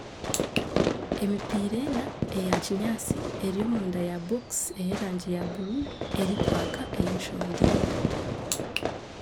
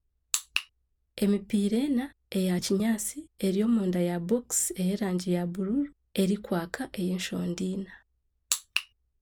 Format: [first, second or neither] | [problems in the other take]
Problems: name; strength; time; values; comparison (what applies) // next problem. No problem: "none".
second | background sound (Fireworks); 1 dB above the speech